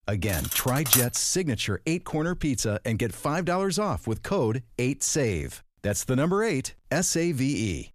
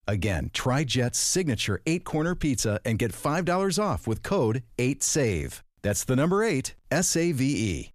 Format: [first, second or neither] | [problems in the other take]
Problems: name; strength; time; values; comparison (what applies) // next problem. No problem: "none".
second | clattering dishes; loud; at 0.5 s; peak 5 dB above the speech